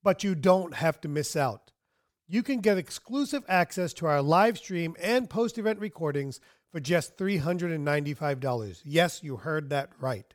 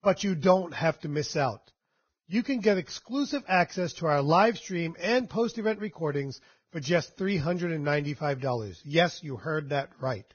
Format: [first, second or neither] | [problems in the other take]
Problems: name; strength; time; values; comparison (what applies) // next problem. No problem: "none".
first | garbled, watery; badly; nothing above 6.5 kHz